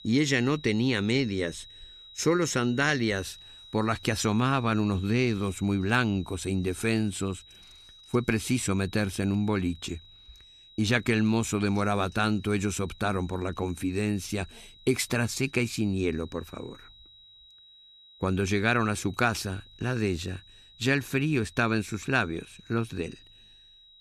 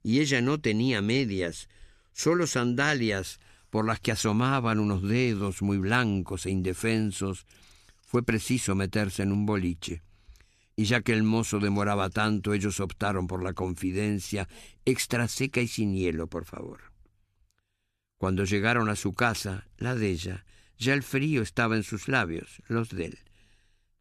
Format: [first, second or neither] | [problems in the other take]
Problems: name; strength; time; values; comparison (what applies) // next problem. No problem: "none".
second | high-pitched whine; faint; throughout; 4 kHz, 20 dB below the speech